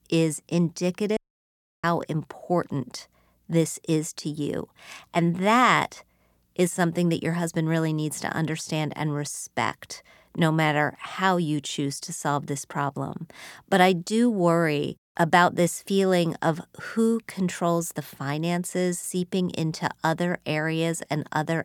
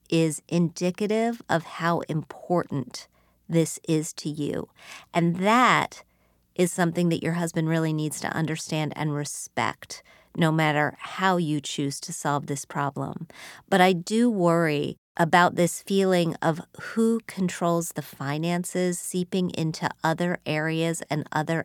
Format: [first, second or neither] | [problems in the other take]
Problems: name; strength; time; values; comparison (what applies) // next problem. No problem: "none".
second | audio cutting out; at 1 s for 0.5 s